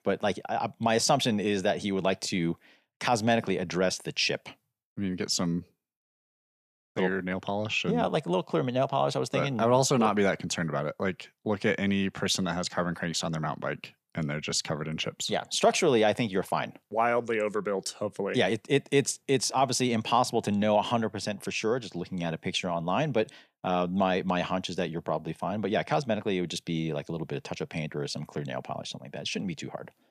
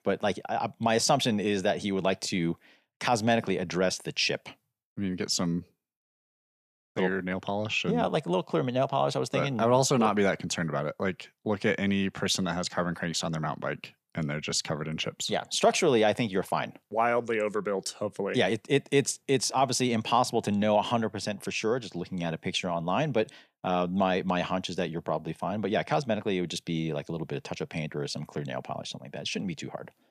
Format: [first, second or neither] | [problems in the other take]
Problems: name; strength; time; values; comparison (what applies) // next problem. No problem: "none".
neither | none